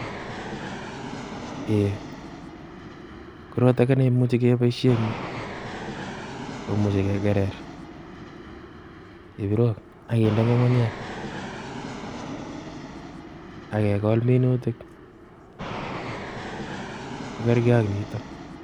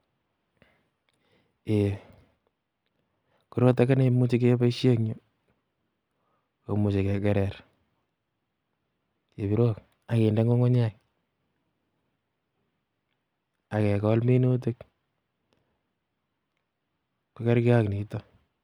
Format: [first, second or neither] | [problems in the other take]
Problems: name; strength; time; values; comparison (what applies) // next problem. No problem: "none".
second | background sound (Fixed-wing aircraft, airplane); 10 dB below the speech